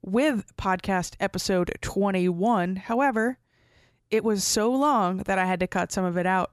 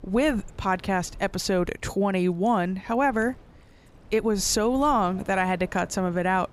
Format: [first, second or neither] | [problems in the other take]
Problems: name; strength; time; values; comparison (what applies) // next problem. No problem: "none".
first | wind in the background; faint; throughout; 25 dB below the speech